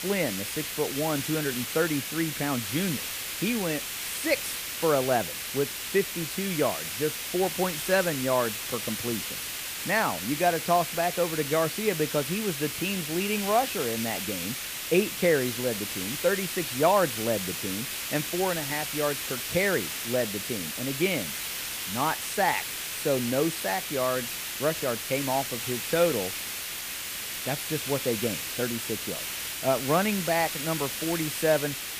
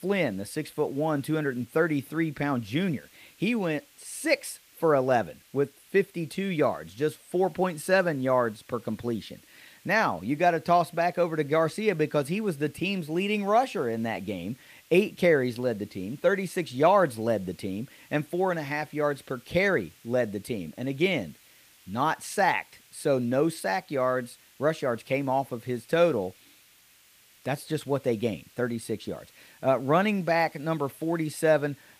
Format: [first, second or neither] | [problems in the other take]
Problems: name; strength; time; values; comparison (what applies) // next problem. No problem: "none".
second | hiss; loud; throughout; 3 dB below the speech; faint in the second